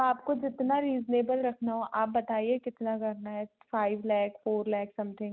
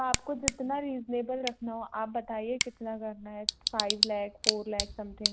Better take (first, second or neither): first